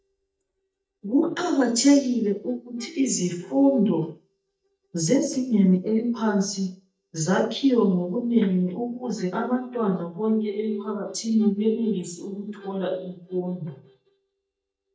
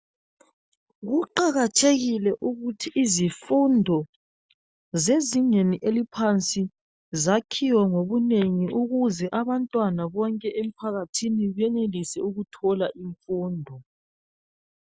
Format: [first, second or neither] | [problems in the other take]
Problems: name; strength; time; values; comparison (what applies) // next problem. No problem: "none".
second | noise reduction (neural mask model DeepFilterNet 3)